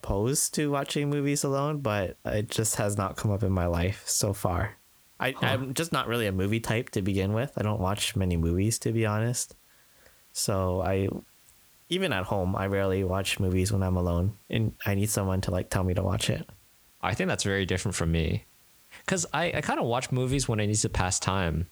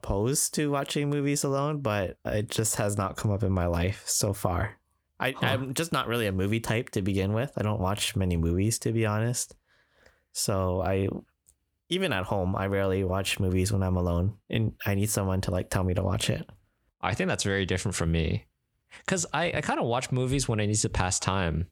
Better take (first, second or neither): second